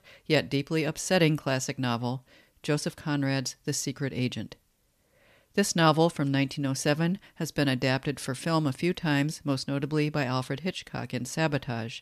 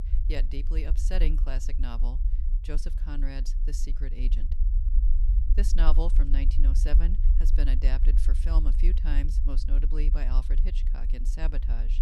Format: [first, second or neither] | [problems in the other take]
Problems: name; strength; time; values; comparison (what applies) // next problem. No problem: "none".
first | low rumble; loud; throughout; 9 dB below the speech